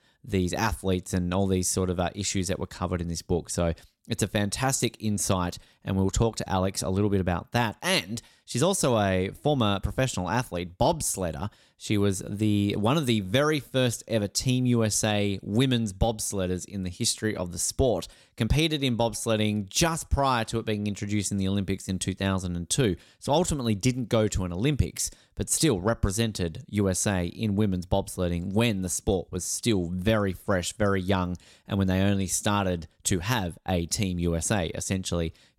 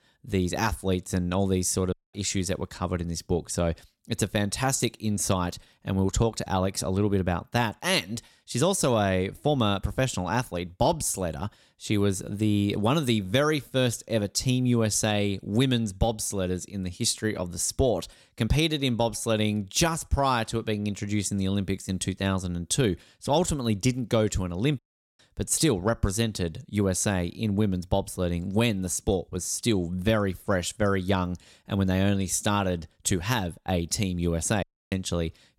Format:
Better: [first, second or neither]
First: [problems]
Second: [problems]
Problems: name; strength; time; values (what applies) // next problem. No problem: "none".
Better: first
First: none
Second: audio cutting out; at 2 s, at 25 s and at 35 s